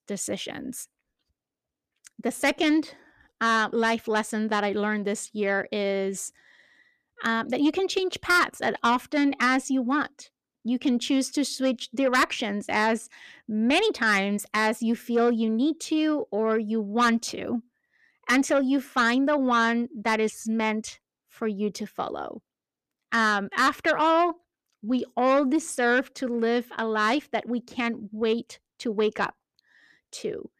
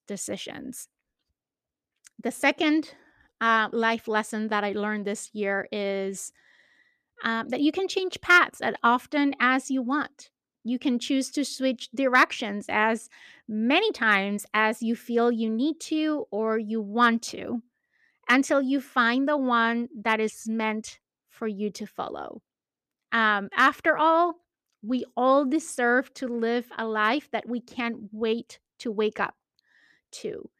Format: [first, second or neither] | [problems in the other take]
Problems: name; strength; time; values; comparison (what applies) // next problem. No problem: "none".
second | distortion; slight; 10 dB below the speech